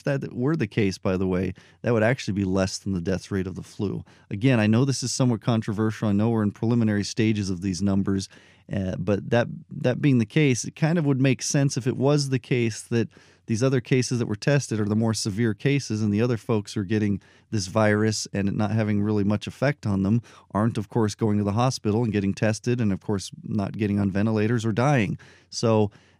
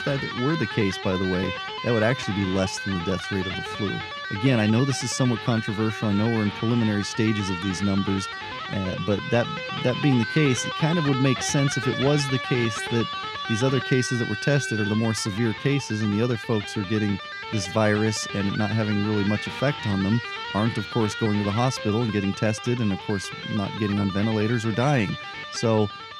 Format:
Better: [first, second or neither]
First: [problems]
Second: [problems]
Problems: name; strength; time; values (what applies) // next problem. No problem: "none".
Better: first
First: none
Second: background music; loud; throughout; 6 dB below the speech